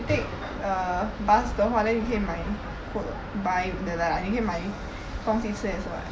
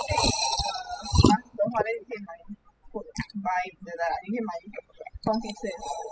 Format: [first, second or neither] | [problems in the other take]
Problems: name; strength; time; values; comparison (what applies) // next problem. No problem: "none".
first | noise reduction (classical method spectral subtraction)